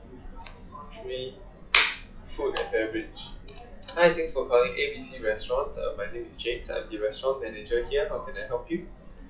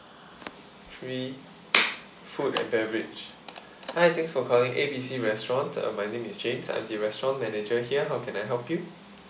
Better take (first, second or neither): second